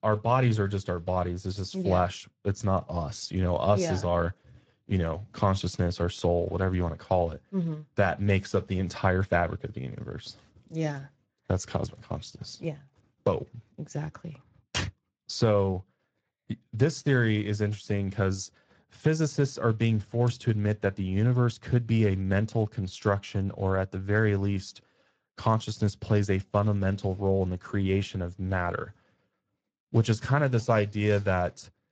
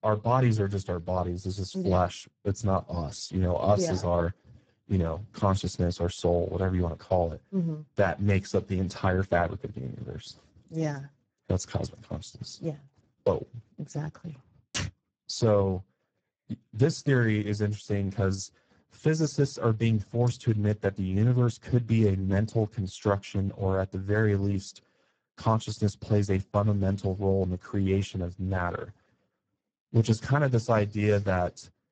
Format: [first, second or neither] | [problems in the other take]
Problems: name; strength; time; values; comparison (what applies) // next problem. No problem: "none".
first | garbled, watery; badly; nothing above 8 kHz; slightly in the first